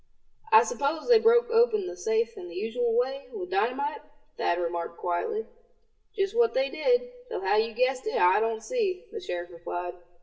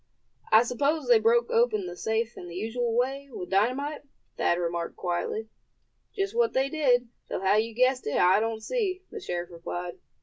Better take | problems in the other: second | room echo; dies away in 0.7 s

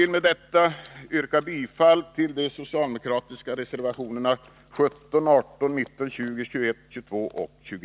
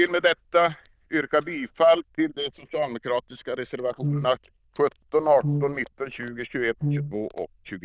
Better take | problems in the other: first | noise reduction (neural diffusion model UNIVERSE++)

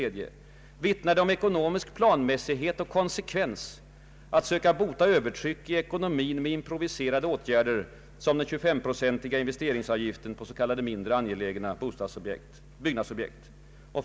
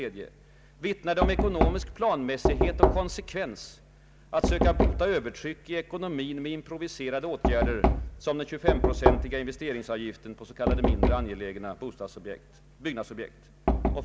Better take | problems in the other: first | background sound (Knock); 3 dB above the speech

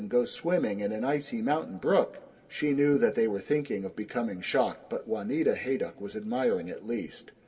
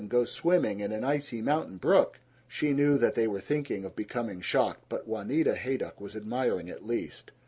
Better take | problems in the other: second | room echo; dies away in 1.9 s

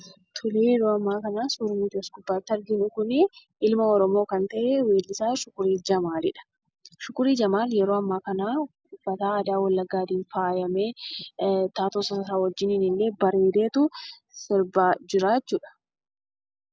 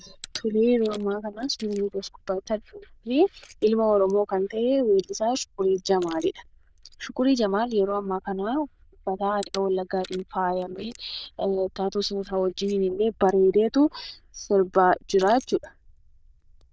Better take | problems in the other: first | noise reduction (neural diffusion model UNIVERSE++)

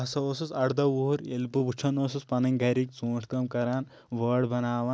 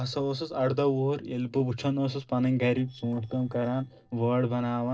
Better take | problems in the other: first | noise reduction (neural separator model SepFormer DNS4)

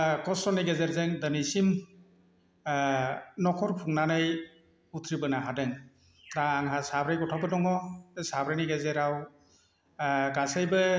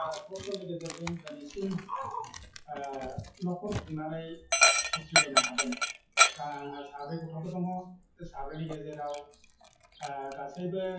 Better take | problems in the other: first | noise reduction (classical method WPE with log-MMSE)

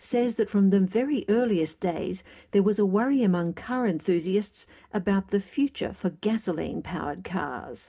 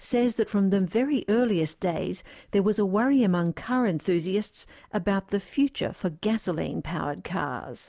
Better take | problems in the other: second | room echo; dies away in 0.3 s

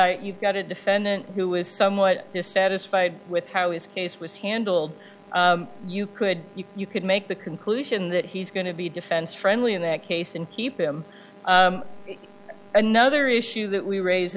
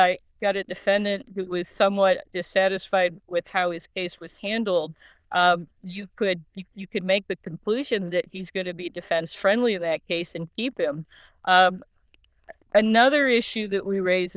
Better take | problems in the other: first | noise reduction (neural diffusion model UNIVERSE++)

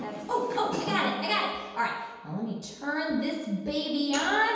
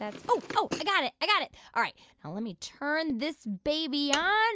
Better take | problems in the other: second | background sound (Snare drum); 13 dB below the speech // room echo; dies away in 1.2 s

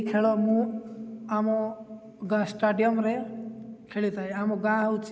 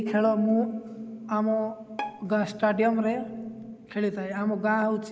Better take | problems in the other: first | background sound (Bowed string instrument); 15 dB below the speech

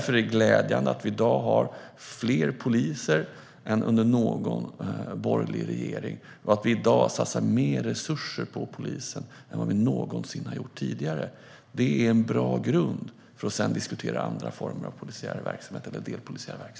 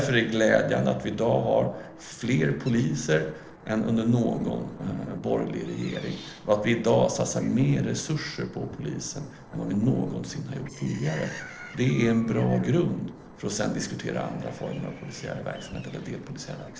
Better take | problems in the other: first | noise reduction (neural separator model SepFormer DNS4)

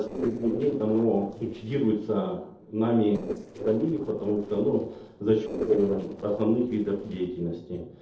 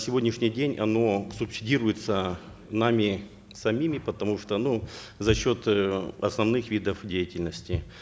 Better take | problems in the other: second | noise reduction (neural separator model SepFormer DNS4)

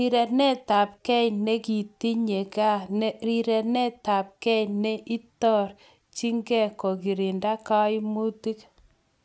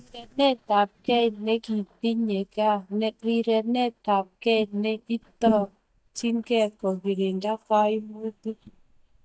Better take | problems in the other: first | noise reduction (neural mask model DeepFilterNet 3)

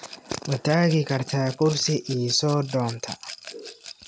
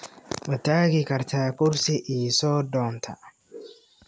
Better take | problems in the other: second | background sound (Rattle / Glass); 16 dB below the speech

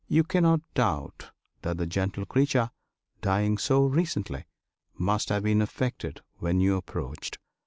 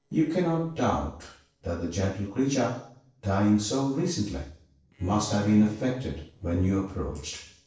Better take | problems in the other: first | noise reduction (neural separator model SepFormer DNS4)

